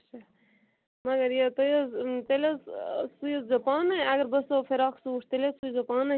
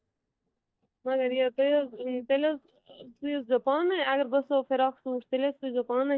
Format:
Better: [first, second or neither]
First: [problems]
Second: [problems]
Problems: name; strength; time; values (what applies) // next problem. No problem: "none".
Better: first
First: none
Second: noise reduction (neural mask model DeepFilterNet 3)